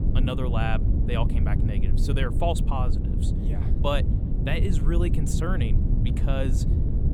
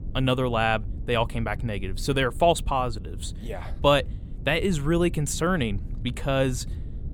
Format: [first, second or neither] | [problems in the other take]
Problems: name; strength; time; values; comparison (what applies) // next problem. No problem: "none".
second | low rumble; loud; throughout; 6 dB below the speech; faint in the second